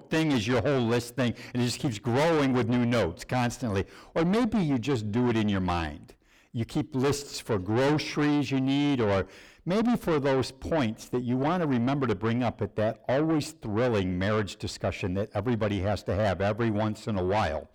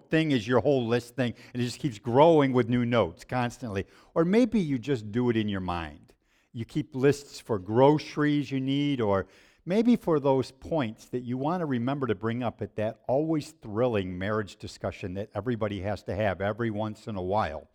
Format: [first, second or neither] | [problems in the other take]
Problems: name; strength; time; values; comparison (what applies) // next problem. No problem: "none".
second | distortion; heavy; 6 dB below the speech